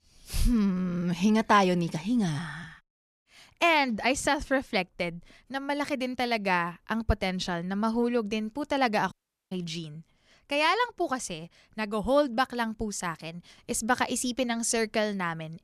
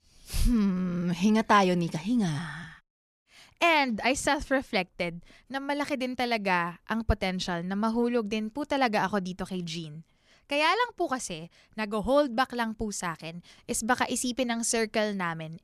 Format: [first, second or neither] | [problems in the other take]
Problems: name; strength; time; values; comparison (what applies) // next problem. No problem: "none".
second | audio cutting out; at 9 s